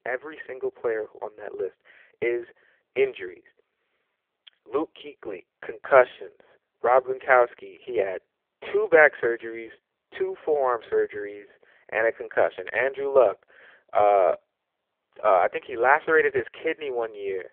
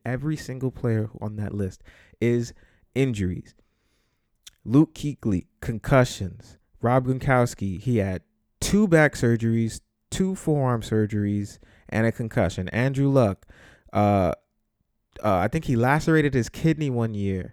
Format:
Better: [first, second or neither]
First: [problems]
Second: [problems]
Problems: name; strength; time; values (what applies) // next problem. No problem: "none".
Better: second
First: phone-call audio; poor line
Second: none